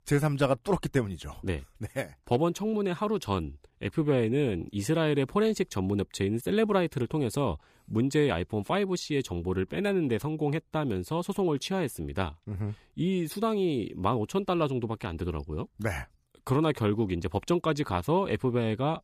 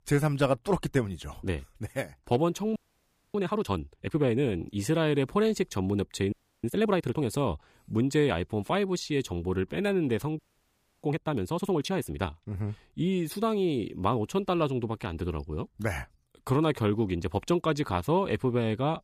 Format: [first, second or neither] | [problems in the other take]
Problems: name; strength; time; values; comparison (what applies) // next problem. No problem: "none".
first | audio freezing; at 3 s for 0.5 s, at 6.5 s and at 10 s for 0.5 s